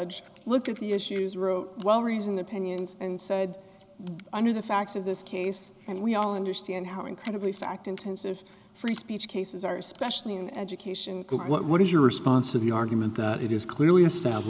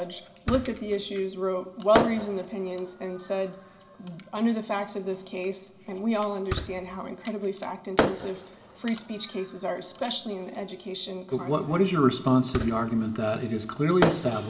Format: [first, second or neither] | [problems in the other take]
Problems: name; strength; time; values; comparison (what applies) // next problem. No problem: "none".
first | background sound (Fireworks); 7 dB below the speech // room echo; dies away in 1.6 s